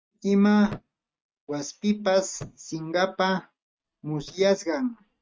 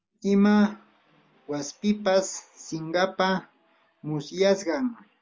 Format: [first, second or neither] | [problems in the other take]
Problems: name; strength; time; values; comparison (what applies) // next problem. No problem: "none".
second | noise reduction (neural mask model RNNoise)